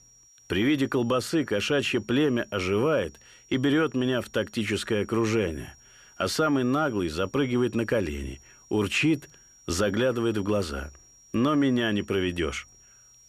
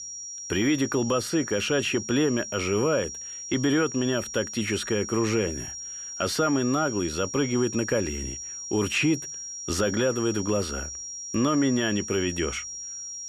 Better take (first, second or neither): first